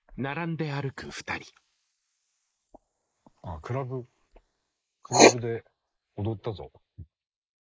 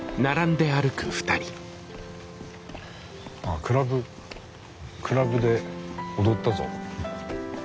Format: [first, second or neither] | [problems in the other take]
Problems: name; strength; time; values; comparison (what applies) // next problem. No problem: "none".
second | noise reduction (neural mask model Resemble Enhance denoiser)